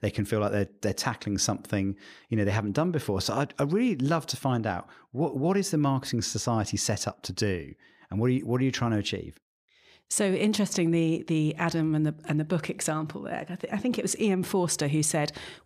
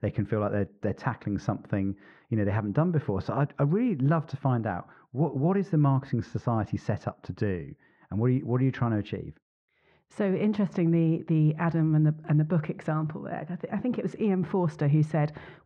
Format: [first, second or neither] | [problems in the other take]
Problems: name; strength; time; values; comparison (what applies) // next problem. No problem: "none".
first | muffled; very; fading above 1.5 kHz